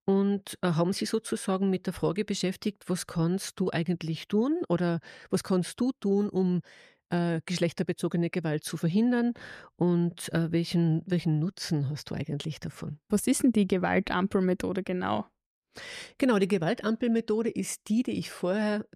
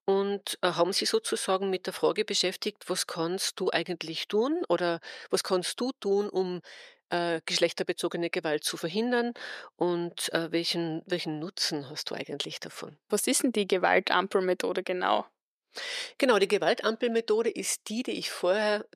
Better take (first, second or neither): first